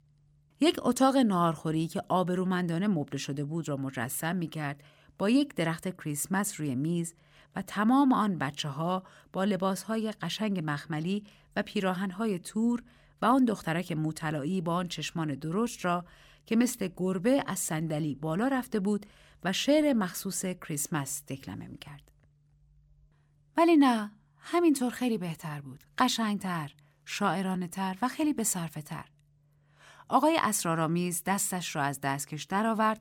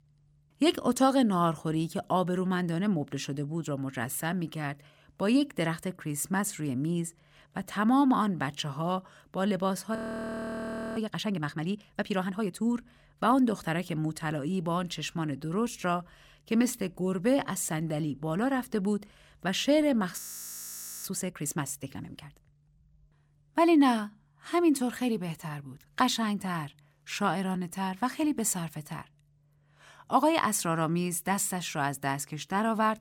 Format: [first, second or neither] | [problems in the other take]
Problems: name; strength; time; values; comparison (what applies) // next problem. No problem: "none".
first | audio freezing; at 10 s for 1 s and at 20 s for 1 s